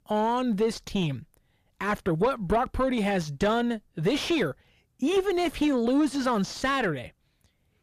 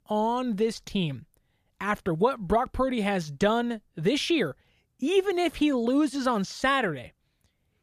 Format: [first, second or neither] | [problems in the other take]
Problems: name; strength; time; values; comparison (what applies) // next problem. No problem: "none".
second | distortion; slight; 10 dB below the speech